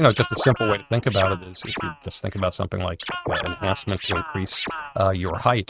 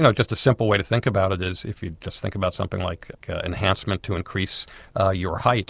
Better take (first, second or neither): second